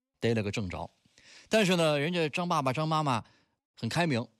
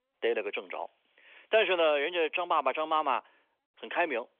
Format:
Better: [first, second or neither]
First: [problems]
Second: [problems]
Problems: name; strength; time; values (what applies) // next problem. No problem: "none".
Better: first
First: none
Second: phone-call audio; nothing above 3.5 kHz